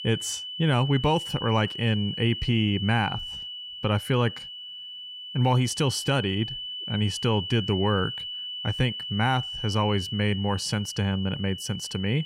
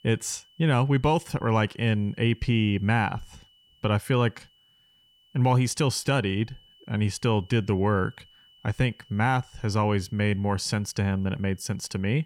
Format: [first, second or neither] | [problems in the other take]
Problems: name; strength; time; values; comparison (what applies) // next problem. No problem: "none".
second | high-pitched whine; loud; throughout; 3 kHz, 7 dB below the speech; faint in the second